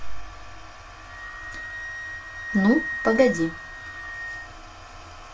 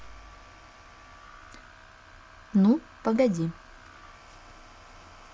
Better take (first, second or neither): second